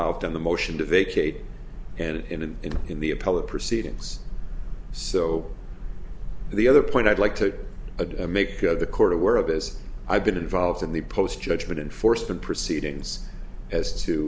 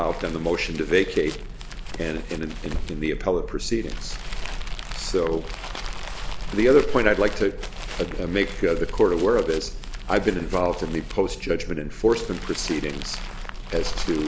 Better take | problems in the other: first | background sound (Crumpling, crinkling); 16 dB below the speech

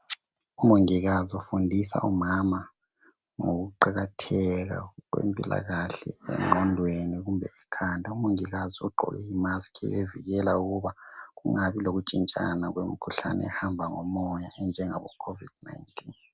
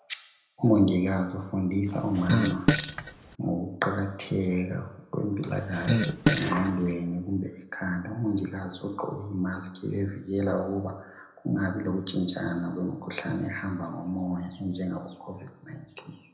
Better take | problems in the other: first | background sound (Fart); 1 dB above the speech // room echo; dies away in 0.7 s

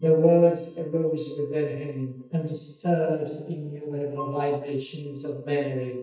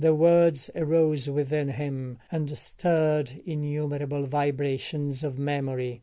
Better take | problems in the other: second | noise reduction (neural mask model DeepFilterNet 3)

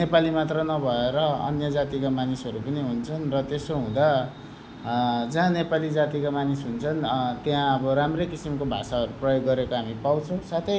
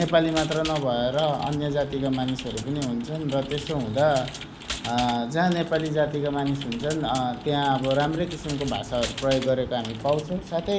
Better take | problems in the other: first | background sound (Computer keyboard); 14 dB below the speech

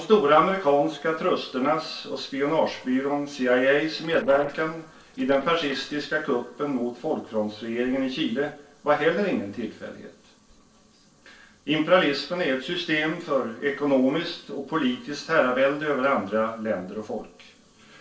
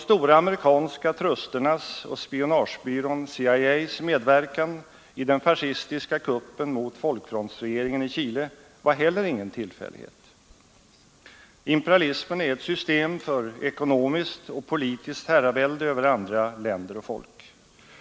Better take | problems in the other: second | noise reduction (neural separator model SepFormer DNS4)

